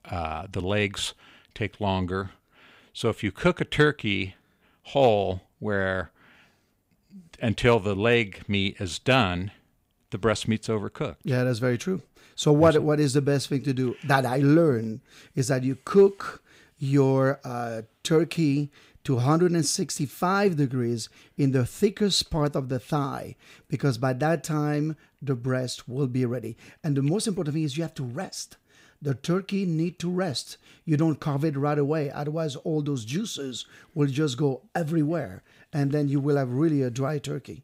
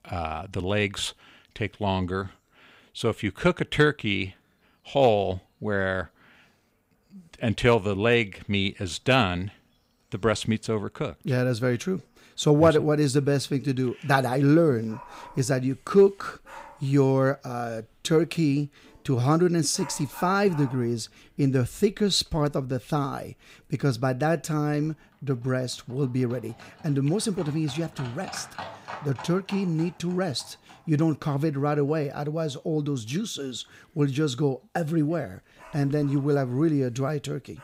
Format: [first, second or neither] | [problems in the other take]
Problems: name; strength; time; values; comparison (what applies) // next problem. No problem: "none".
first | animal sounds; noticeable; throughout; 20 dB below the speech